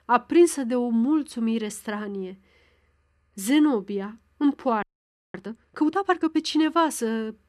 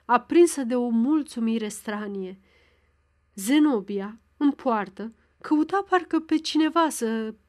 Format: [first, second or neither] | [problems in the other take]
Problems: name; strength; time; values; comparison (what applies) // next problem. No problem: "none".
second | audio freezing; at 5 s for 0.5 s